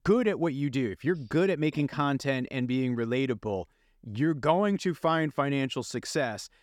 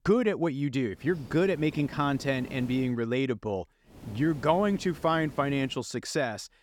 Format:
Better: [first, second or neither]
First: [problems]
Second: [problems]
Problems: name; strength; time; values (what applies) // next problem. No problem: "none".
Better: first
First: none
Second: hiss; noticeable; from 1 to 3 s and from 4 to 5.5 s; 20 dB below the speech